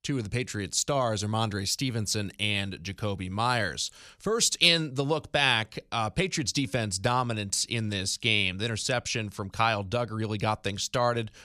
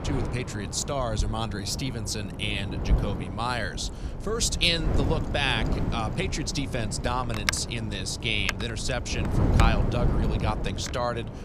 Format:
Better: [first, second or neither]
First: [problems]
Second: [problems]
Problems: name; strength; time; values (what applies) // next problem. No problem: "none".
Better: first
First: none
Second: wind noise on the microphone; heavy; 7 dB below the speech